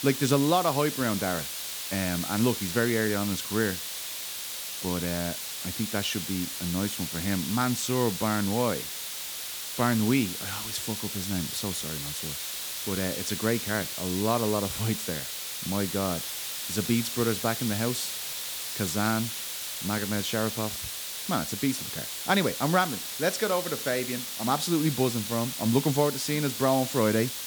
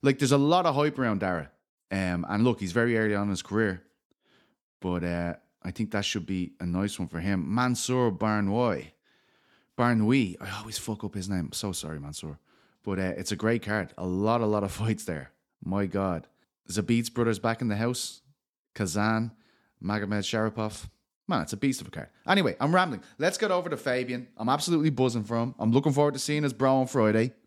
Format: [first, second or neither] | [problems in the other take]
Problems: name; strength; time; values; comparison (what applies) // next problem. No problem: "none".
second | hiss; loud; throughout; 4 dB below the speech